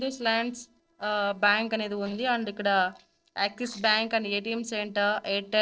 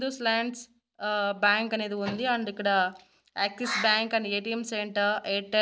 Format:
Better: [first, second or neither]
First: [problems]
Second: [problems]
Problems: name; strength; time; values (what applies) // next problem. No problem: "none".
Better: second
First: noise reduction (neural separator model SepFormer DNS4)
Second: none